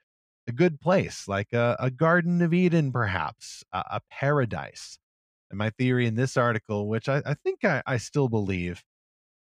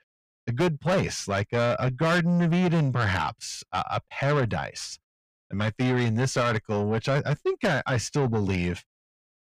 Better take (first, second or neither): first